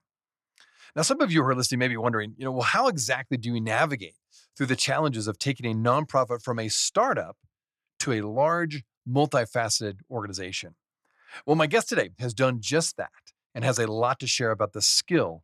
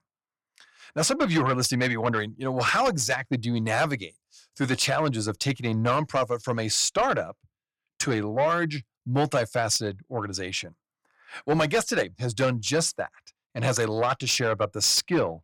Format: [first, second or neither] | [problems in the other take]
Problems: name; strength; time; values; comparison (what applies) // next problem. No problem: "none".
first | distortion; slight; 10 dB below the speech